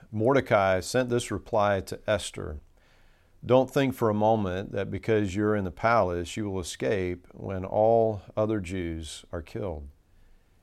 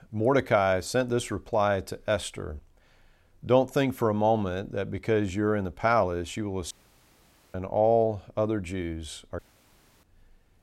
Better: first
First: none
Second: audio cutting out; at 6.5 s for 1 s and at 9.5 s for 0.5 s

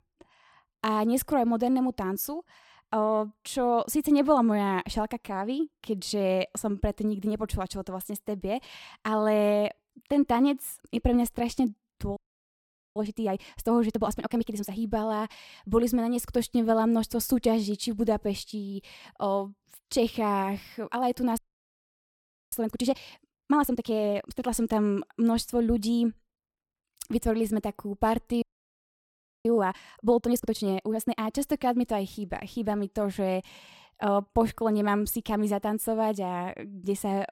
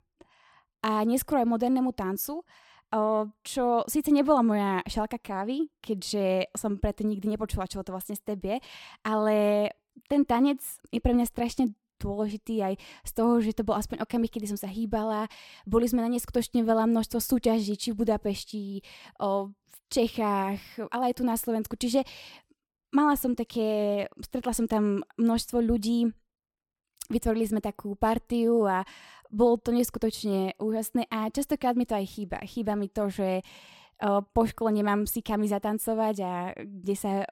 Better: second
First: audio freezing; at 12 s for 1 s, at 21 s for 1 s and at 28 s for 1 s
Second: none

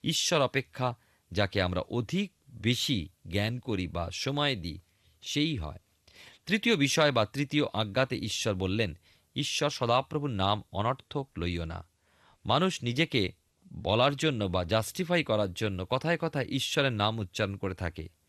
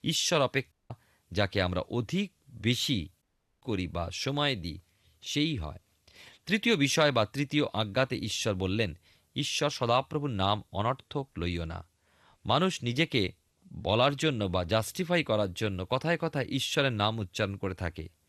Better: first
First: none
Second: audio cutting out; at 0.5 s and at 3 s

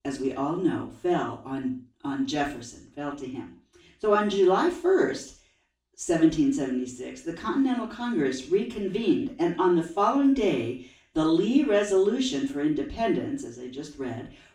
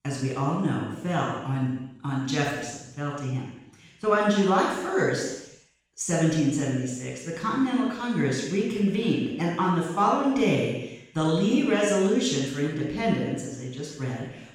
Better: first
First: room echo; slight; dies away in 0.4 s // off-mic speech; far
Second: room echo; strong; dies away in 0.9 s // off-mic speech; far

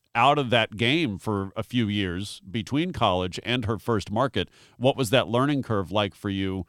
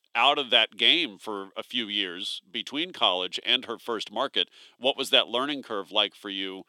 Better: first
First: none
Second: thin; somewhat; fading below 300 Hz

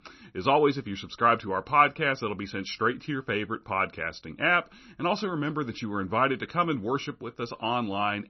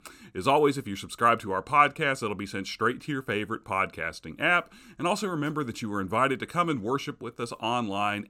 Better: second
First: garbled, watery; slightly; nothing above 6 kHz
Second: none

